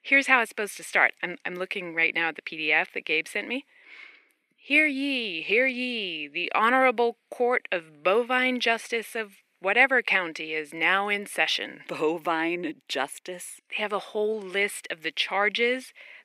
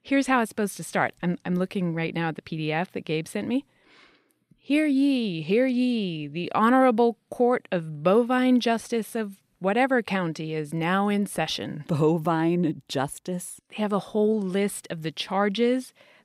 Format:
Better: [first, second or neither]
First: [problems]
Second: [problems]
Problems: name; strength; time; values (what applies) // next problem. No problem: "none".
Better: second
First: thin; somewhat; fading below 350 Hz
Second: none